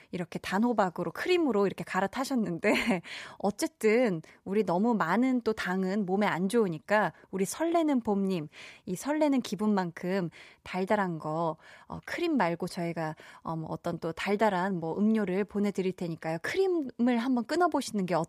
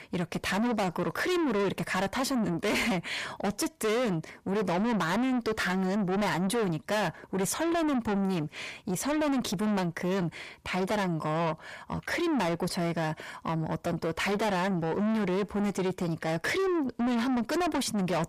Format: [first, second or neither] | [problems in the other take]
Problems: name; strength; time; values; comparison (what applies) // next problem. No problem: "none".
first | distortion; heavy; 6 dB below the speech